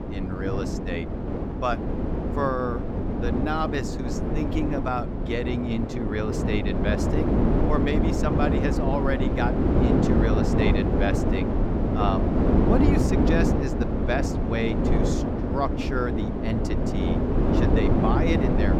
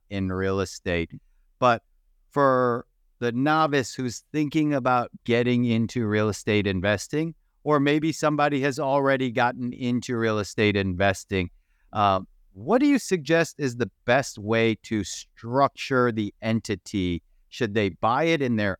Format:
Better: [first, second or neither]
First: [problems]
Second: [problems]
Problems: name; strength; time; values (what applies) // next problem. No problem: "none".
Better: second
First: wind noise on the microphone; heavy; 1 dB above the speech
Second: none